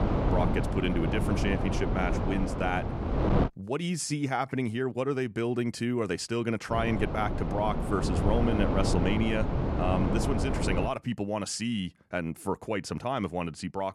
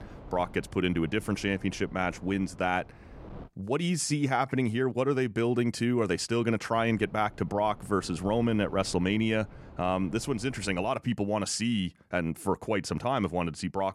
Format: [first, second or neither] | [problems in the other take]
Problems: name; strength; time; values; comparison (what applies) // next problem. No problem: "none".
second | wind noise on the microphone; heavy; until 3.5 s and from 6.5 to 11 s; 2 dB below the speech; occasional gusts in the second